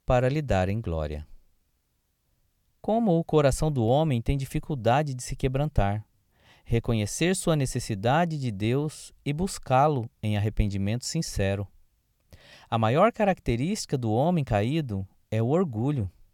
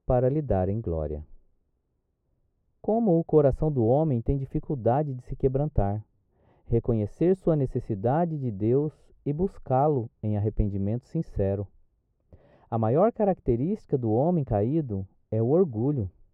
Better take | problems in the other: first | muffled; very; fading above 2 kHz

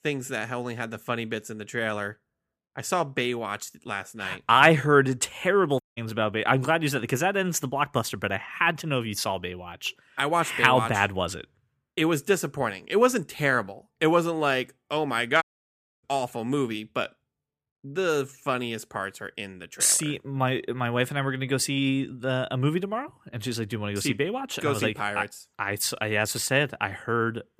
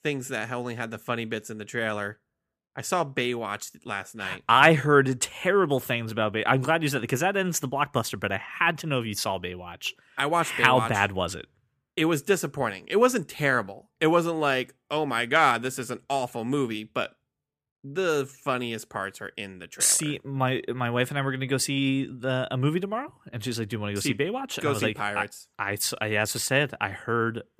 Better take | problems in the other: second | audio cutting out; at 6 s and at 15 s for 0.5 s

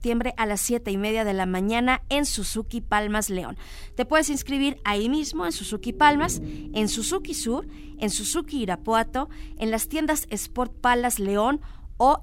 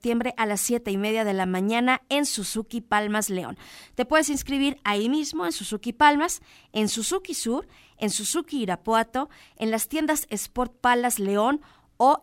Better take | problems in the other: second | low rumble; faint; throughout; 20 dB below the speech

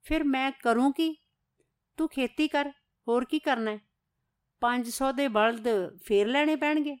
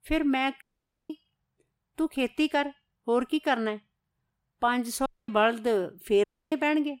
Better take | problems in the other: first | audio cutting out; at 0.5 s, at 5 s and at 6 s

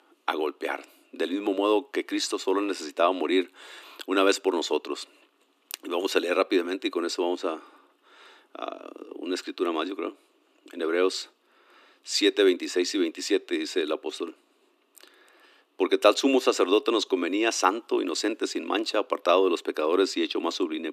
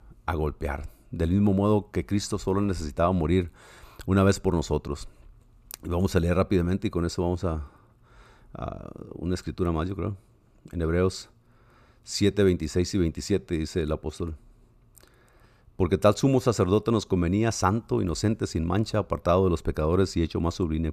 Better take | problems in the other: second | thin; somewhat; fading below 250 Hz

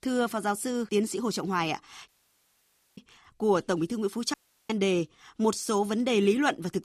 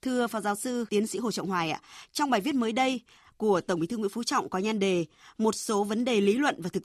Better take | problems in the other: second | audio cutting out; at 2 s for 1 s and at 4.5 s

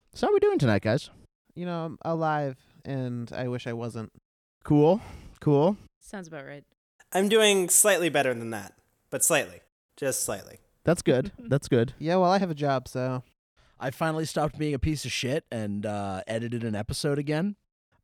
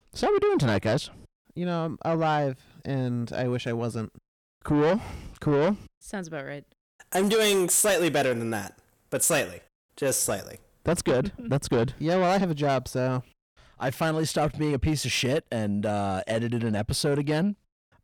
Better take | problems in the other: first | distortion; heavy; 8 dB below the speech

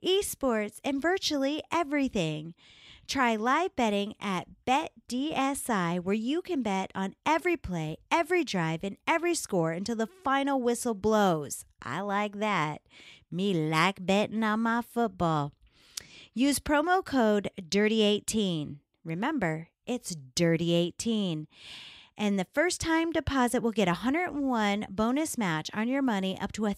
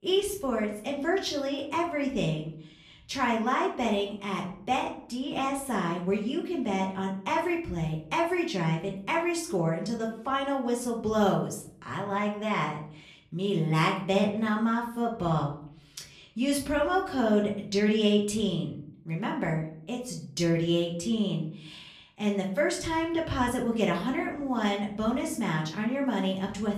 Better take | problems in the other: first | room echo; slight; dies away in 0.5 s // off-mic speech; far

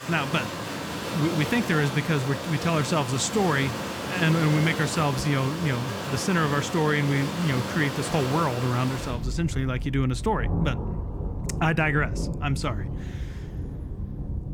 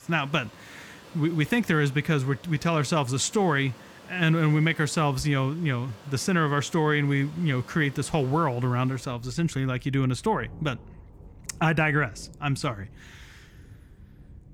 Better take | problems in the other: second | rain or running water; loud; throughout; 6 dB below the speech; faint in the second

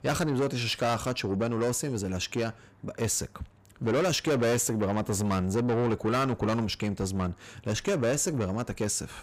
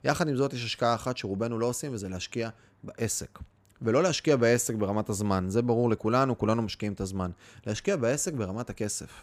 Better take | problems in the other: second | distortion; heavy; 8 dB below the speech

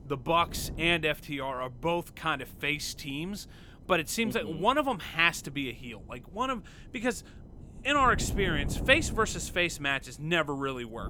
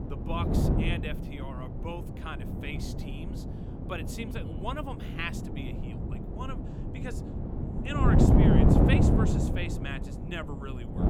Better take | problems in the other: first | wind noise on the microphone; heavy; 2 dB above the speech; occasional gusts in the first

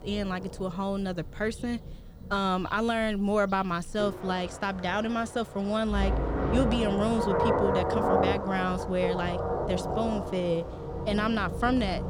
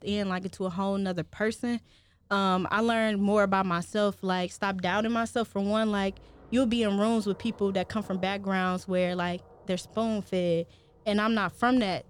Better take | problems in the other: second | rain or running water; loud; throughout; 1 dB below the speech; faint in the second

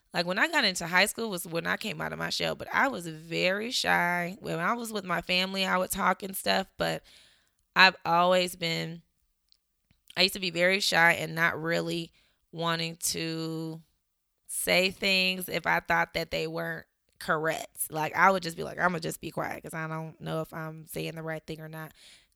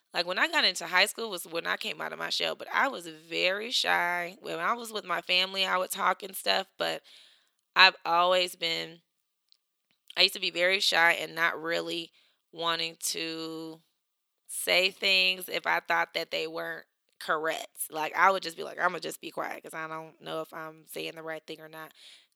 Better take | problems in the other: first | thin; somewhat; fading below 350 Hz

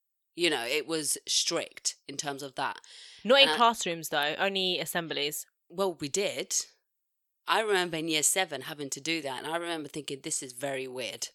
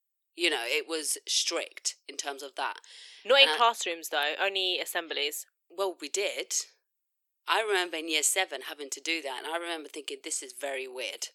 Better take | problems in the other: first | thin; somewhat; fading below 350 Hz

